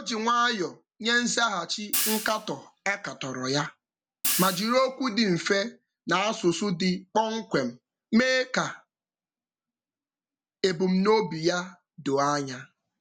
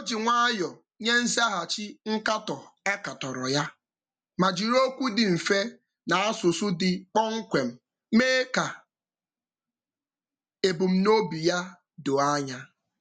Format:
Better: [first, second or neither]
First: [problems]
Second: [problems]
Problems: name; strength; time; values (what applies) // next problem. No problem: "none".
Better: second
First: background sound (Hi-hat); 6 dB below the speech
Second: none